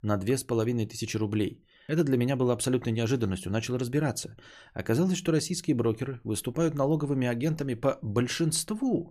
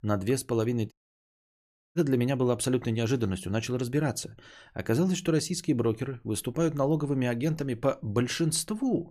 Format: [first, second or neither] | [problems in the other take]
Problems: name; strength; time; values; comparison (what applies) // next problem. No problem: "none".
first | audio cutting out; at 1 s for 1 s